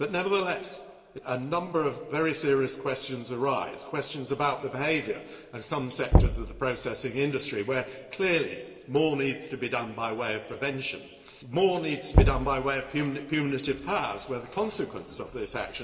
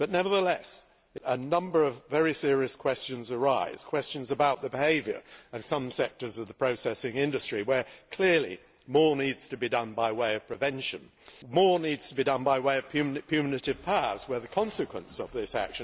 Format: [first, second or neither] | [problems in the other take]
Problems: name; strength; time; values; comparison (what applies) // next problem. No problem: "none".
second | background sound (Knock); 2 dB above the speech // room echo; dies away in 1.6 s